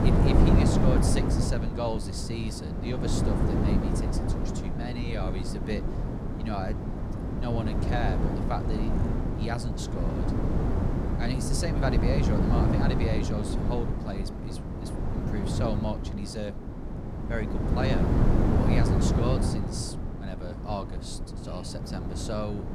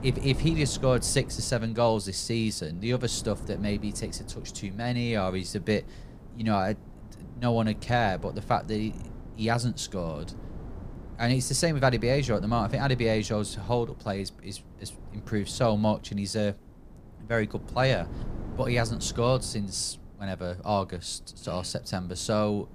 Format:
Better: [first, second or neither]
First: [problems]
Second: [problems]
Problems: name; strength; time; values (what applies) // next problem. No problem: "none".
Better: second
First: wind noise on the microphone; heavy; 1 dB above the speech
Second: wind noise on the microphone; occasional gusts; 20 dB below the speech